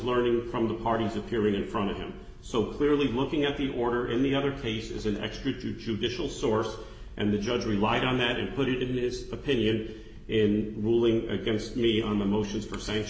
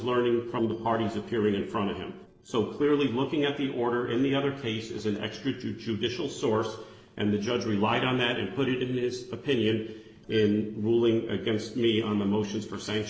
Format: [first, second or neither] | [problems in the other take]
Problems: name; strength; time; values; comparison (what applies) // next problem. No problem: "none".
first | noise reduction (neural separator model SepFormer DNS4)